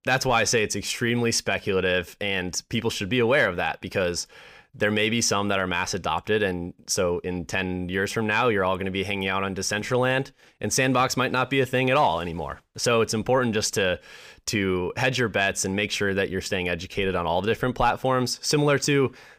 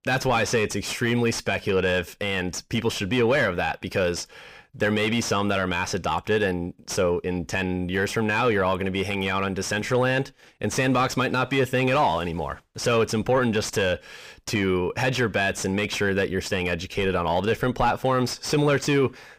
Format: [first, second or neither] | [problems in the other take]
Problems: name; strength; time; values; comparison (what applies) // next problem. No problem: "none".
first | distortion; slight; 10 dB below the speech